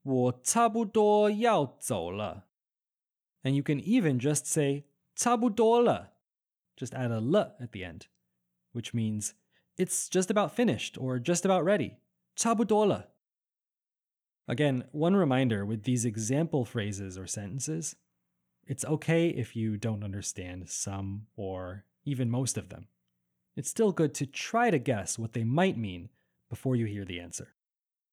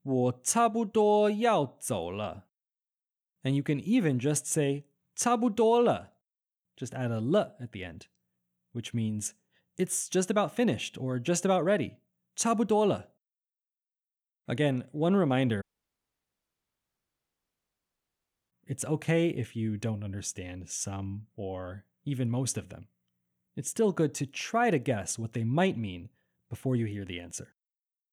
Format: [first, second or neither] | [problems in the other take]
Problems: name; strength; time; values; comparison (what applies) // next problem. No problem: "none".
first | audio cutting out; at 16 s for 3 s